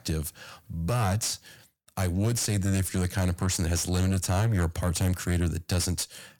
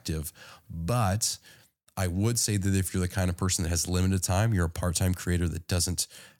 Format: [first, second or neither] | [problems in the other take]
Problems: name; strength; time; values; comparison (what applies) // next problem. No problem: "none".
second | distortion; slight; 10 dB below the speech